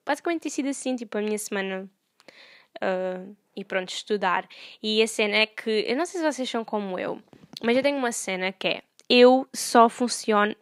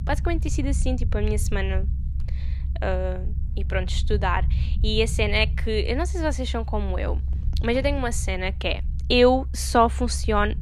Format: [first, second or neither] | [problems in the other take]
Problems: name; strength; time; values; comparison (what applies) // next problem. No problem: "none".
first | low rumble; faint; throughout; 20 dB below the speech